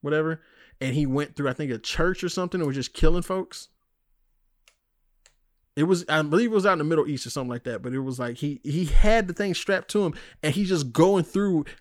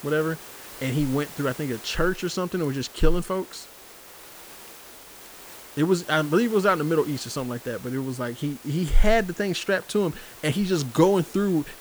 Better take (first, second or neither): first